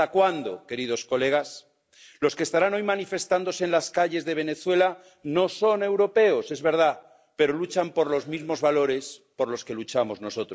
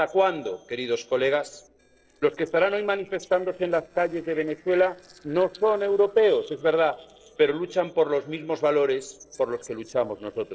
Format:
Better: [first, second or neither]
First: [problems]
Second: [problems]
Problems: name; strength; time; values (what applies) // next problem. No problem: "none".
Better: first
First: none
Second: noise reduction (neural separator model SepFormer DNS4)